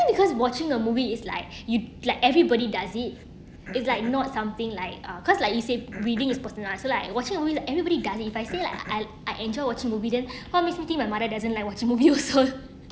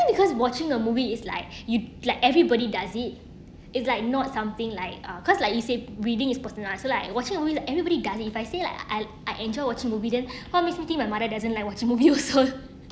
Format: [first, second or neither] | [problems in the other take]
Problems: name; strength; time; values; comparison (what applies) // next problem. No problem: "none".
second | background sound (Cough); 19 dB below the speech